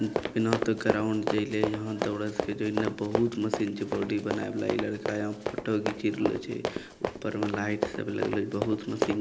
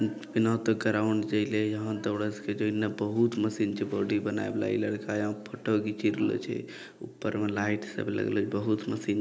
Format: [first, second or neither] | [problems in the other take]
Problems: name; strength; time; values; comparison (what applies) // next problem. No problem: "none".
second | background sound (Run); 4 dB below the speech